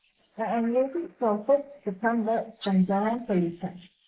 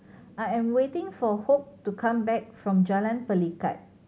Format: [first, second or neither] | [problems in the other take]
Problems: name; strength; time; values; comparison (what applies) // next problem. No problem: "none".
second | noise reduction (neural mask model Resemble Enhance denoiser)